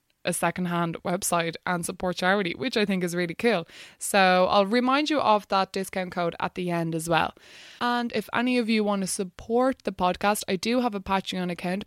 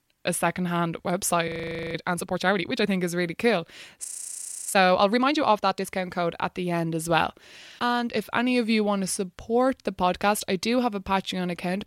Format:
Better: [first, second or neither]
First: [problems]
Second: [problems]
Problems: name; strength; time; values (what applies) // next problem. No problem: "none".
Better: first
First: none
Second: audio freezing; at 1.5 s and at 4 s for 0.5 s